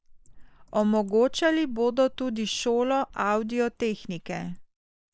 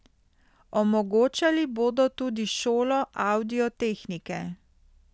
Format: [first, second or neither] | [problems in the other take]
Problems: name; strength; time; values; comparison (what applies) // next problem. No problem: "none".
second | noise reduction (neural mask model Resemble Enhance denoiser)